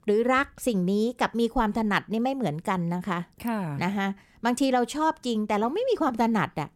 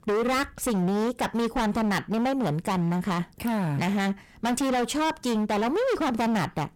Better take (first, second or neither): first